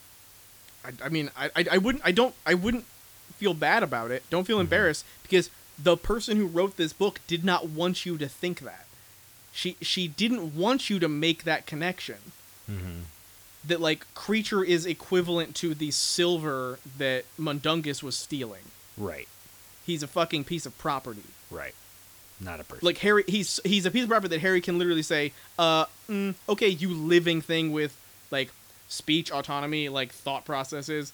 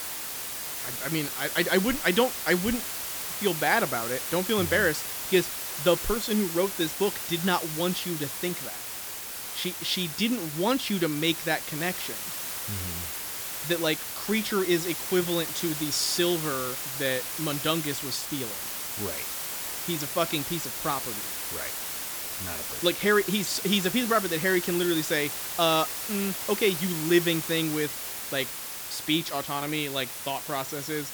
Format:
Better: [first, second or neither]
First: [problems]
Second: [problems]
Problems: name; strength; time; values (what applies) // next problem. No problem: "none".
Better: first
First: hiss; faint; throughout; 20 dB below the speech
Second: hiss; loud; throughout; 4 dB below the speech